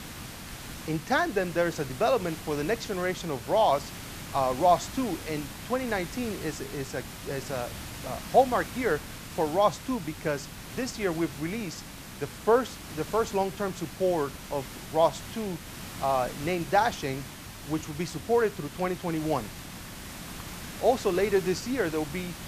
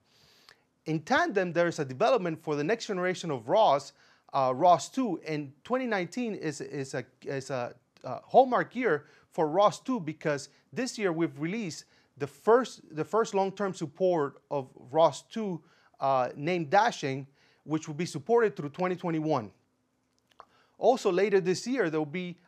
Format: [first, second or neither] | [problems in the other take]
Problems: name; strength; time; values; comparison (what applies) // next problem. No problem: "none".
second | hiss; noticeable; throughout; 10 dB below the speech